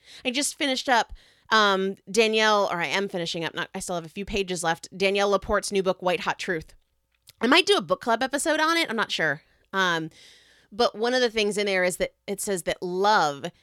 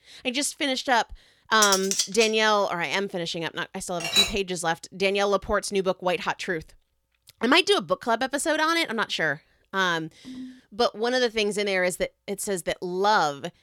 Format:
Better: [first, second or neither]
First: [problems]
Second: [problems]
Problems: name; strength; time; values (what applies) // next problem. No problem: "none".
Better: first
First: none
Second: clattering dishes; loud; at 1.5 s and at 4 s; peak 4 dB above the speech // phone ringing; faint; at 10 s; peak 15 dB below the speech